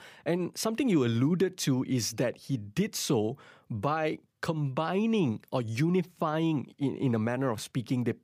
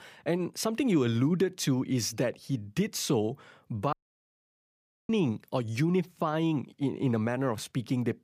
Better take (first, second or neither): first